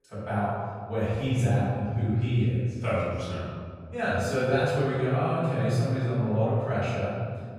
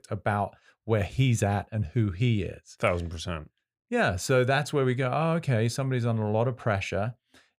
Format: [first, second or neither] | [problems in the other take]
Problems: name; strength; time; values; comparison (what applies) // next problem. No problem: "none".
second | off-mic speech; far // room echo; strong; dies away in 2.1 s